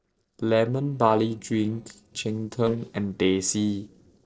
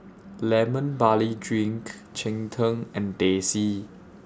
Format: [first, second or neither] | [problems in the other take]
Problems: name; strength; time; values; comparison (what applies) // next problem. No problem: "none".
second | noise reduction (neural separator model SepFormer DNS4)